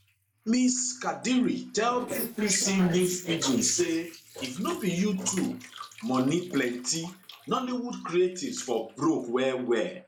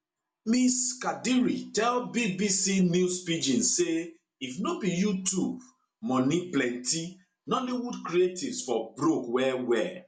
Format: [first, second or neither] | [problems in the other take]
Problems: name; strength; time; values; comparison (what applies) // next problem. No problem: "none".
second | noise reduction (neural mask model Resemble Enhance denoiser)